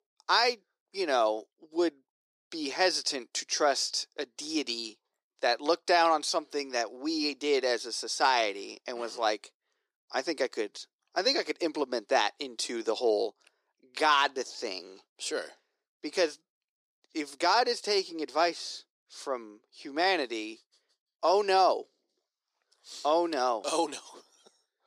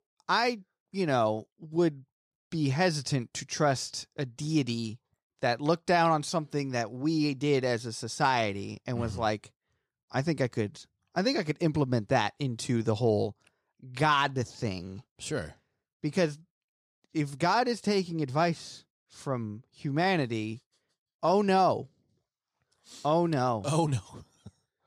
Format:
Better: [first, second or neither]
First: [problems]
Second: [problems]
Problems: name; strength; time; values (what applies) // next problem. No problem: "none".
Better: second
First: thin; very; fading below 350 Hz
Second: none